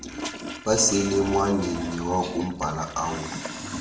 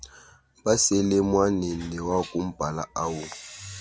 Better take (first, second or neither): second